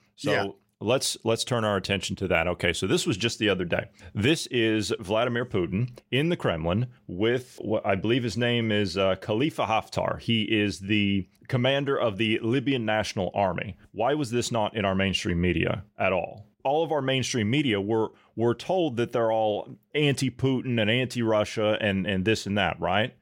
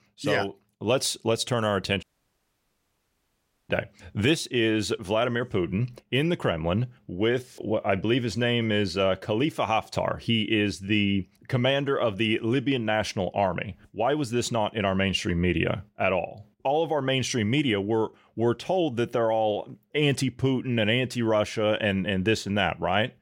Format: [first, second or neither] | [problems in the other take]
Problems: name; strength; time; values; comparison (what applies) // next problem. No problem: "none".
first | audio cutting out; at 2 s for 1.5 s